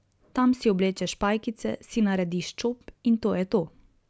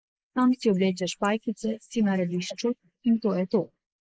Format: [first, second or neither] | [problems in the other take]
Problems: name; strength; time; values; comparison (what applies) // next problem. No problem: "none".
first | noise reduction (neural mask model Resemble Enhance denoiser)